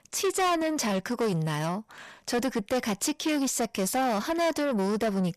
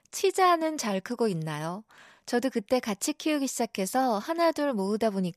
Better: second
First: distortion; heavy; 7 dB below the speech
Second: none

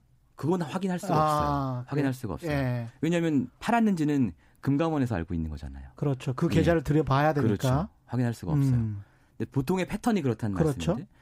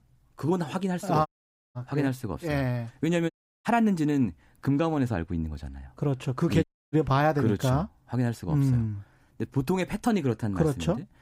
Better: first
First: none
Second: audio cutting out; at 1.5 s, at 3.5 s and at 6.5 s

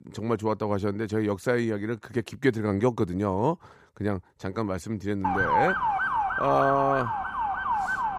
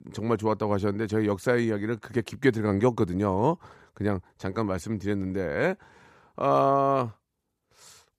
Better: second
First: siren; loud; from 5 s on; peak 4 dB above the speech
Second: none

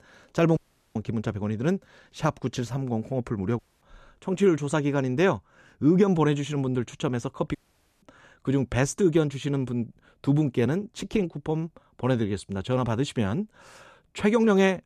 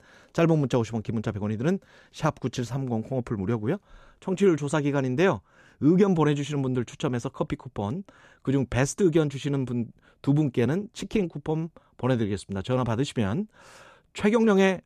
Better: second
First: audio cutting out; at 0.5 s, at 3.5 s and at 7.5 s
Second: none

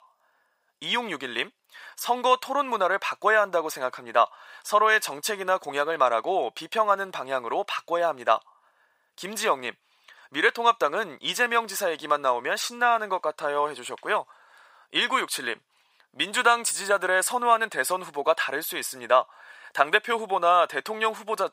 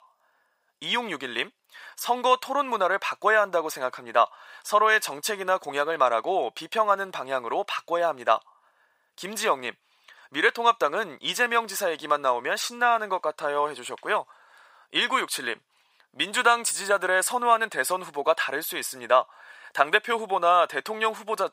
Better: neither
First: thin; very; fading below 800 Hz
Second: thin; very; fading below 800 Hz

